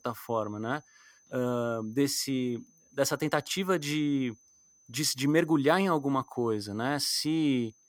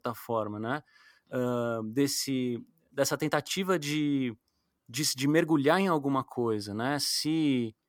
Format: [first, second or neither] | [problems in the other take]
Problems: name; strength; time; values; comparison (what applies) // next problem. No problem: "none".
second | high-pitched whine; faint; throughout; 6 kHz, 30 dB below the speech